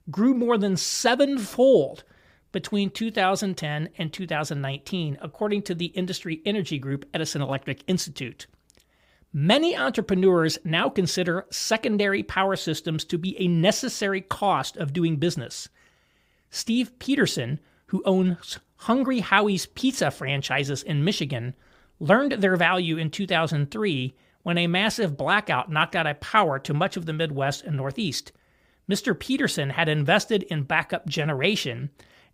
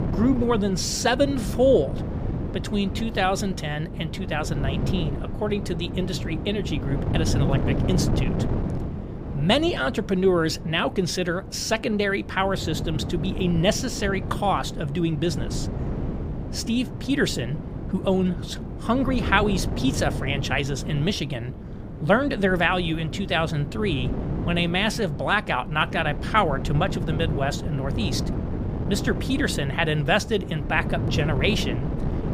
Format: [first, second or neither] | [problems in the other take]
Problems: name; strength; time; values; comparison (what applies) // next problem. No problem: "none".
first | wind noise on the microphone; occasional gusts; 10 dB below the speech